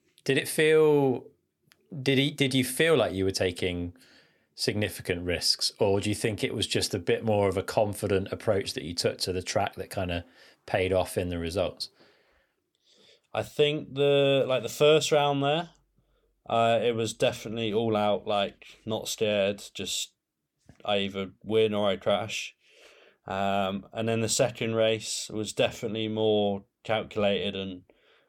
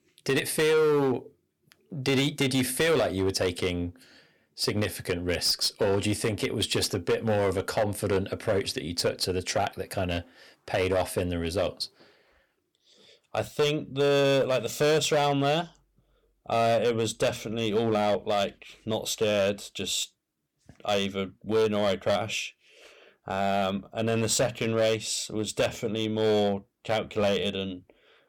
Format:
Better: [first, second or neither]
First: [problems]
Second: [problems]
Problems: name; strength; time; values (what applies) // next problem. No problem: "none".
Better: first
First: none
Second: distortion; slight; 7% of the sound clipped